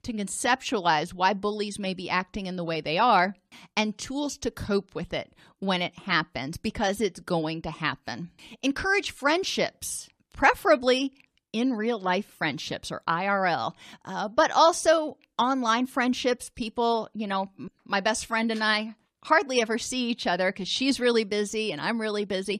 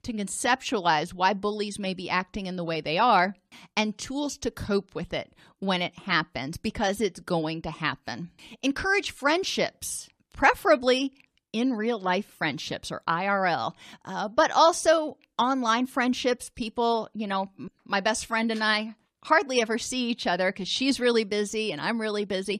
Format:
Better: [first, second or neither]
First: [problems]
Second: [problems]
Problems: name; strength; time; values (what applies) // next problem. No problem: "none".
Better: neither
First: none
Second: none